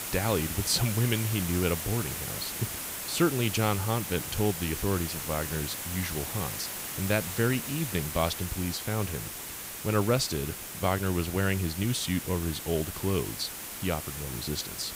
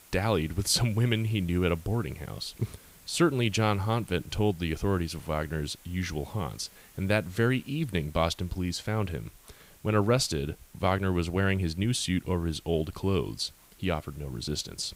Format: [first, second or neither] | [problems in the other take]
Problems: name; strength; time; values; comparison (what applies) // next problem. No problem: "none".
second | hiss; loud; throughout; 4 dB below the speech; faint in the second